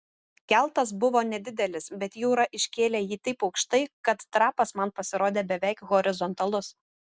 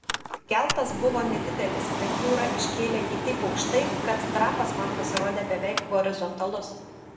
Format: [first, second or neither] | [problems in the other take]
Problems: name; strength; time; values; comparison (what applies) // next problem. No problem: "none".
first | background sound (Mechanical fan); 2 dB below the speech // room echo; dies away in 0.8 s